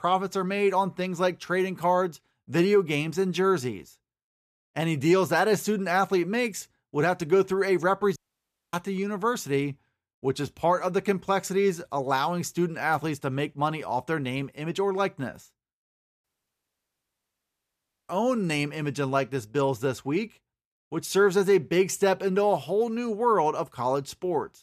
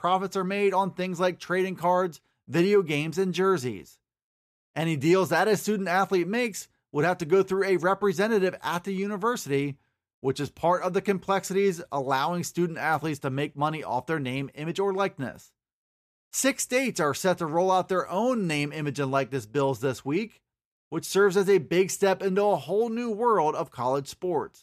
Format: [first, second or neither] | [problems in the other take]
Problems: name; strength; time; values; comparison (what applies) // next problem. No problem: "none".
second | audio cutting out; at 8 s for 0.5 s and at 16 s for 2 s